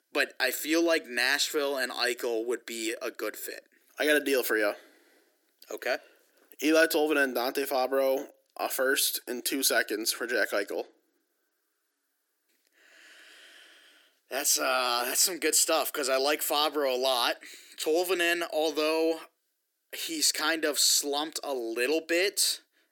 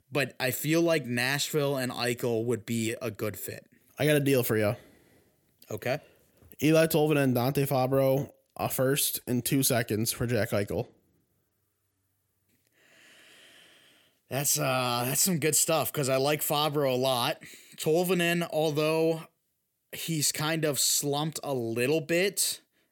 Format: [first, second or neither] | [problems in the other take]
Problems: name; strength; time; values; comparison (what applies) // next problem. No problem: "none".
second | thin; somewhat; fading below 300 Hz